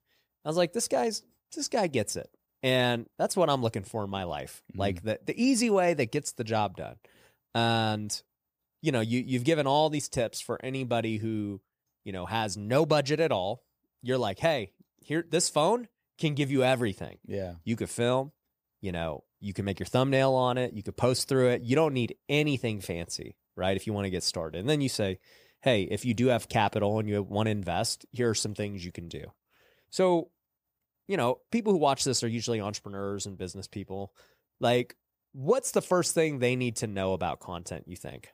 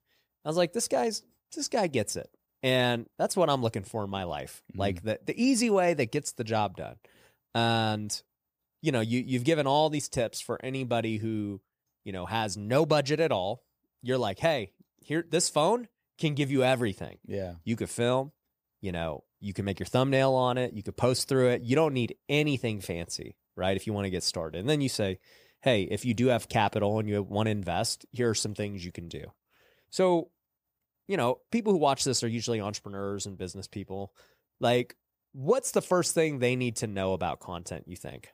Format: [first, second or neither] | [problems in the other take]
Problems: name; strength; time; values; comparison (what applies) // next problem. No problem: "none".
neither | none